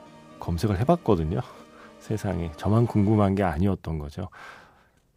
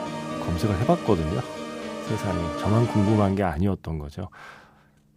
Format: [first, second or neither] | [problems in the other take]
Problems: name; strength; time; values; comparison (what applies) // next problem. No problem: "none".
first | background music; loud; throughout; 7 dB below the speech; faint in the first